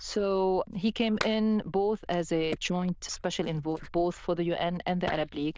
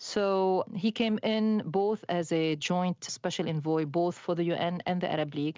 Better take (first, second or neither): second